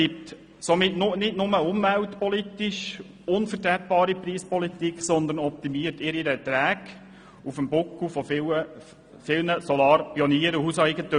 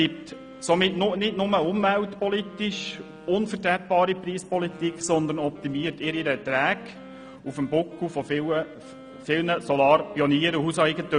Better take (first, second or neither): first